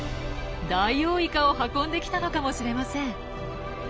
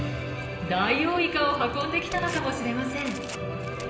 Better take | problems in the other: first | background sound (Tearing); 19 dB below the speech // room echo; dies away in 0.9 s

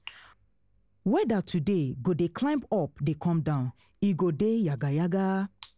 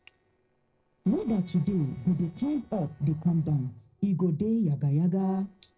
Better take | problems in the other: first | noise reduction (neural separator model SepFormer DNS4)

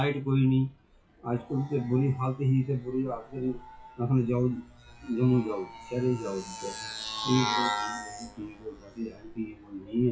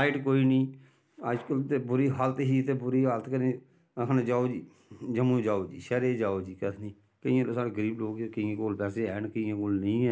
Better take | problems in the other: second | noise reduction (classical method WPE with log-MMSE)

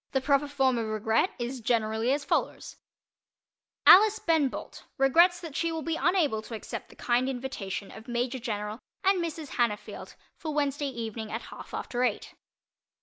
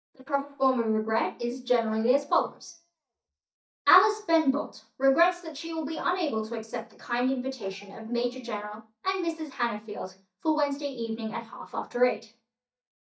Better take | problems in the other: first | noise reduction (neural mask model DeepFilterNet 3)

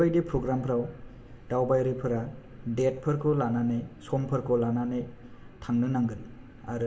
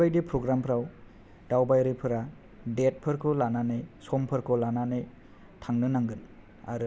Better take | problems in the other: second | room echo; dies away in 2.2 s

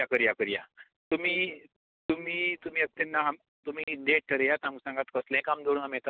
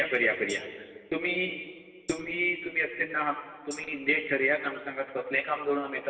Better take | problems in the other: first | background sound (Tambourine); 20 dB below the speech // room echo; dies away in 1.9 s

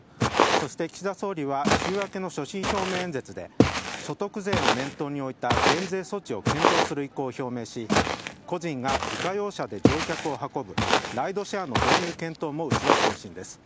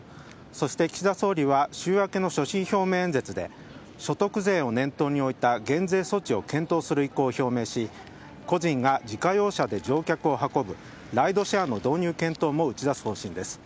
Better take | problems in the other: second | background sound (Walk, footsteps); 4 dB above the speech

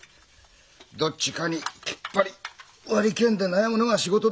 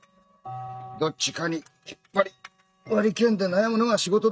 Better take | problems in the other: first | noise reduction (neural mask model RNNoise)

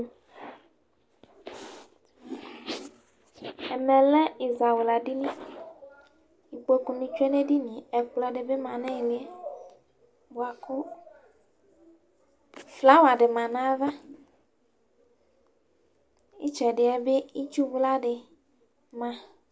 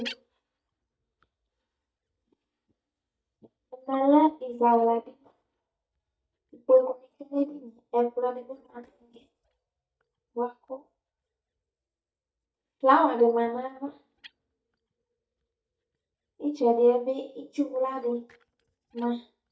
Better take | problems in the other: first | noise reduction (neural mask model DeepFilterNet 3)

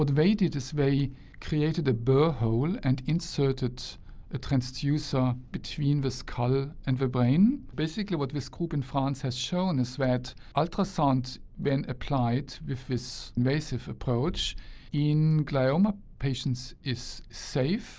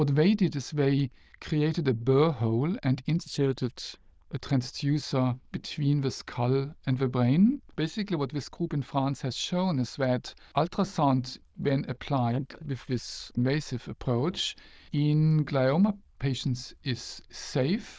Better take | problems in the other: first | noise reduction (neural diffusion model UNIVERSE++)

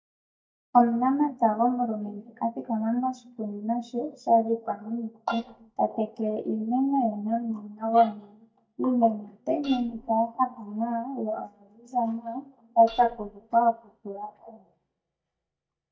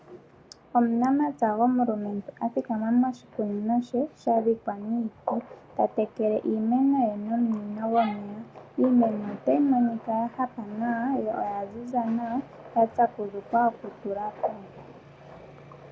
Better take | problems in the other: second | noise reduction (neural mask model DeepFilterNet 3)

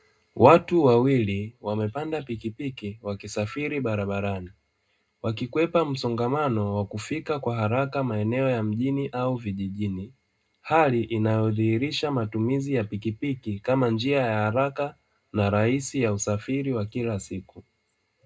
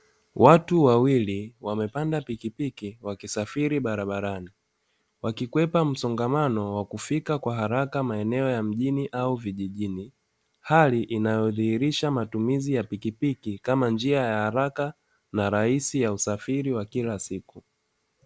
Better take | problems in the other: second | room echo; dies away in 0.2 s

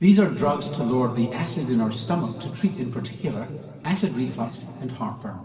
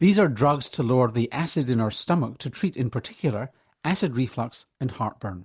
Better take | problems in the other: second | room echo; dies away in 2.7 s

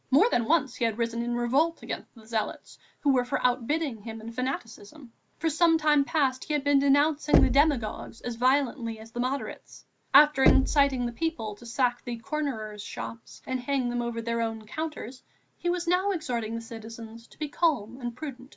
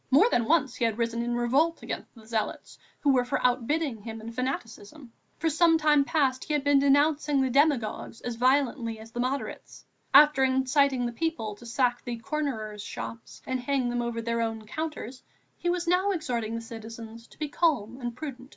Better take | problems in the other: second | background sound (Knock); 2 dB below the speech

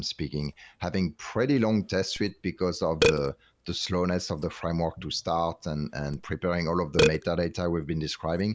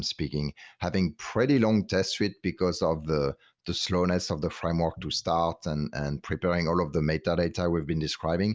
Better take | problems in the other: second | background sound (Burping, eructation); 6 dB below the speech

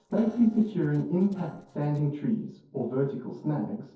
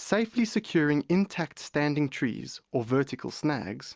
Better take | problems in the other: second | noise reduction (neural separator model SepFormer DNS4)

